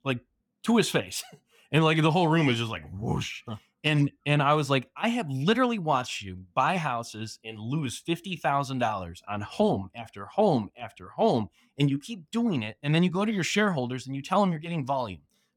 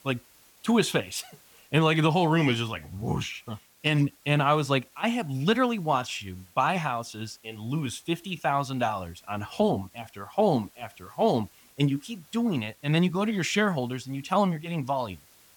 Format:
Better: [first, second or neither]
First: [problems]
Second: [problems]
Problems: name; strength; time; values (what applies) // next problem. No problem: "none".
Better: first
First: none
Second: hiss; faint; throughout; 30 dB below the speech